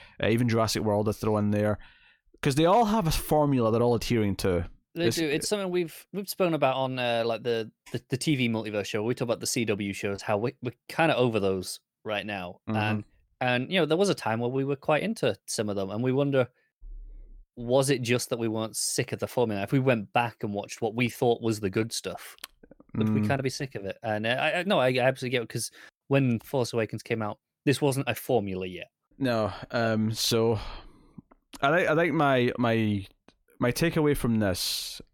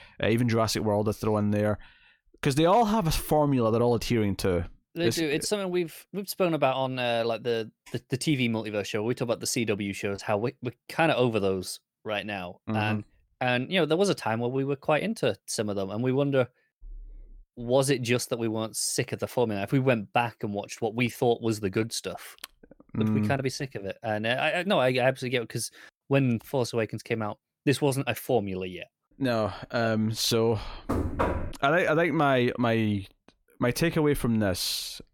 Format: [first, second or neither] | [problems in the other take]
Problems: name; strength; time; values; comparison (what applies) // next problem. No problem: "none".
first | door banging; noticeable; at 31 s; peak 1 dB below the speech